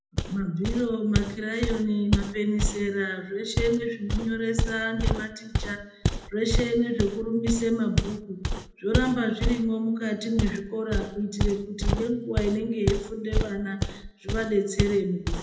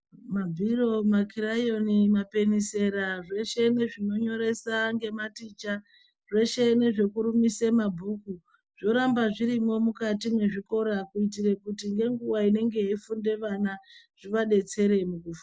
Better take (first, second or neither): second